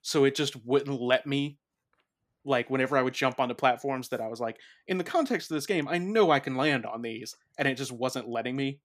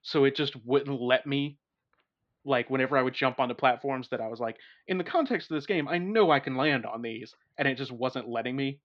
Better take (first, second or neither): first